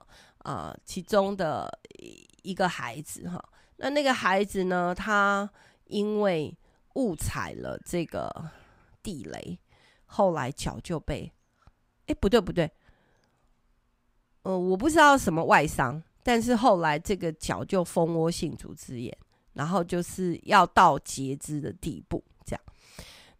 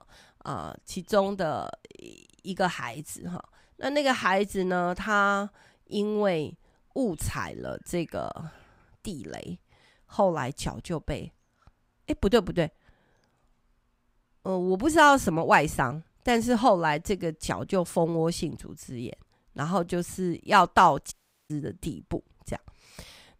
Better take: first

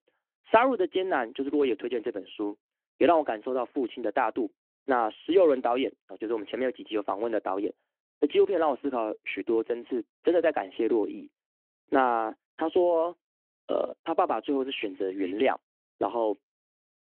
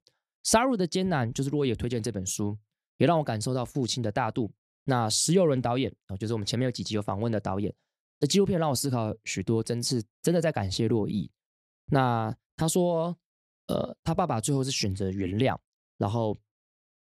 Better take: second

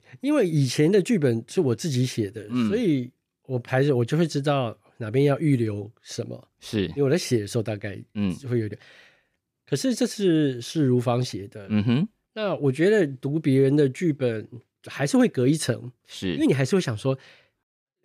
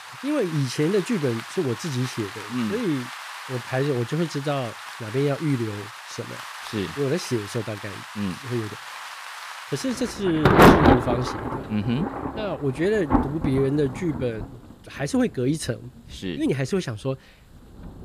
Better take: first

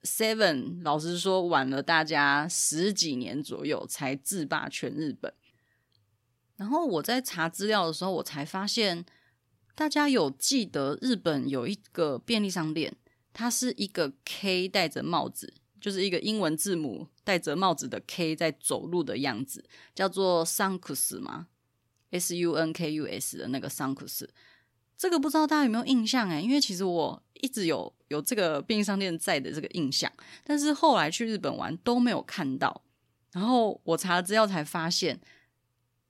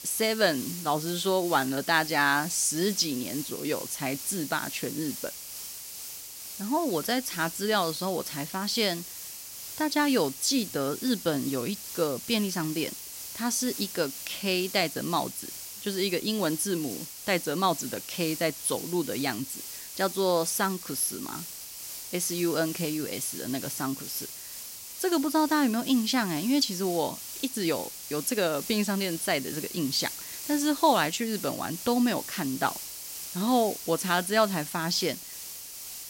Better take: first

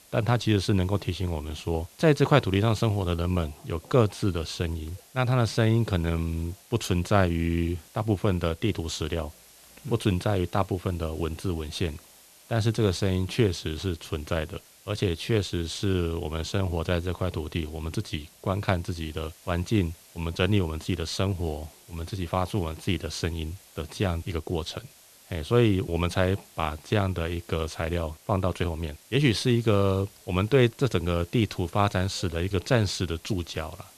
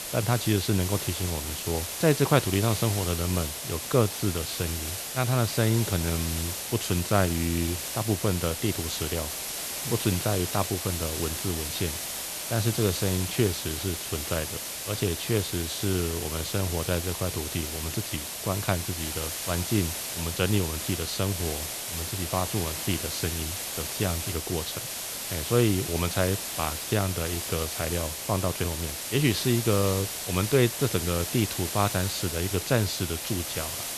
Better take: first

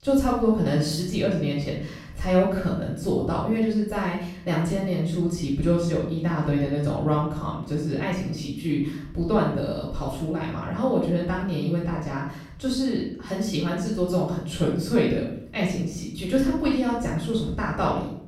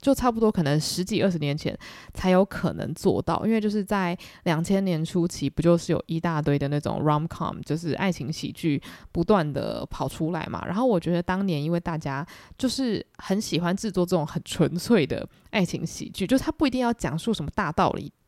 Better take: second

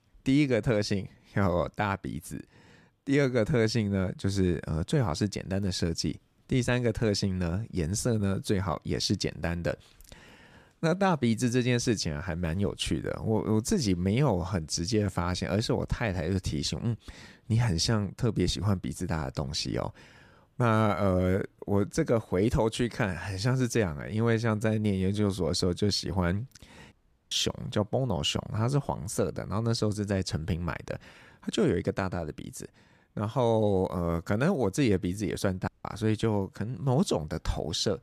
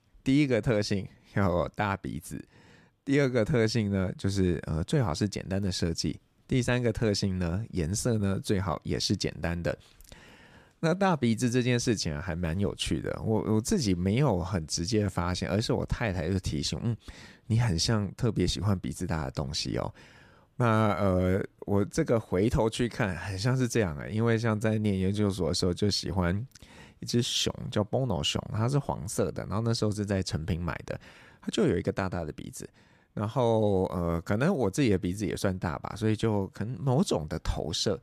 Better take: second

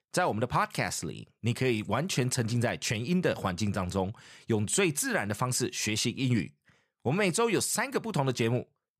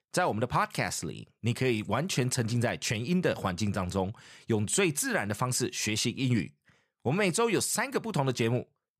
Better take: neither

